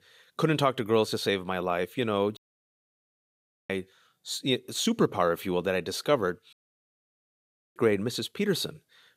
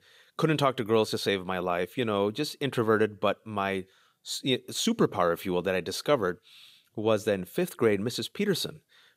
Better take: second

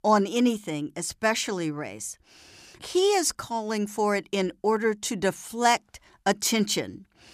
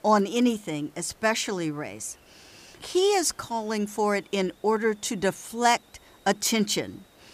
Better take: first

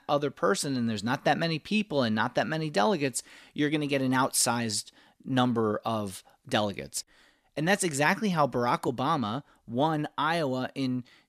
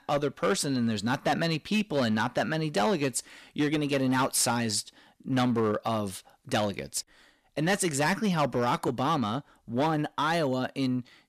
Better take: first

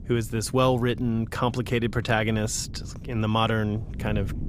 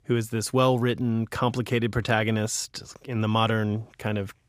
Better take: second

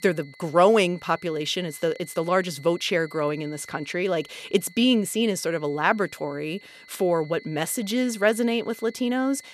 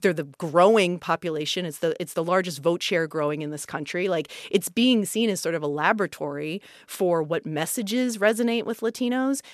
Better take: second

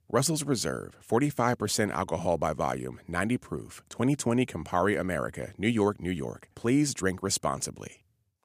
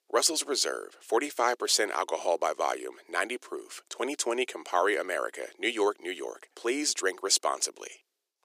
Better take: first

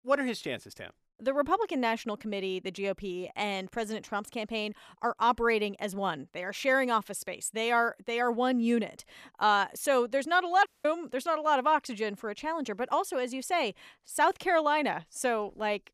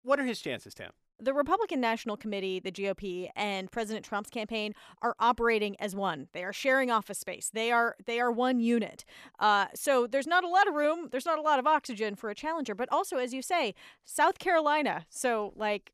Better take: second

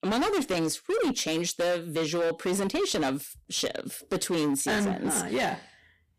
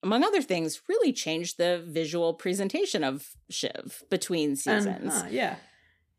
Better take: second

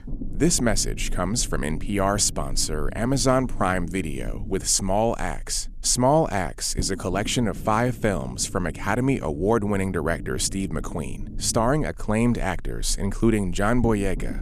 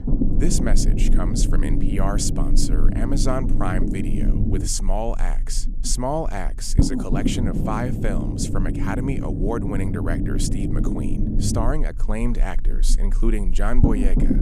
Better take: first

